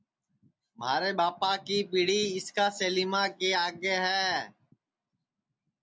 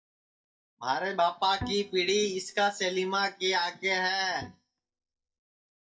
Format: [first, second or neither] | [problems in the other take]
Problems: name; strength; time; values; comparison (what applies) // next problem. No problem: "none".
first | noise reduction (neural mask model DeepFilterNet 3)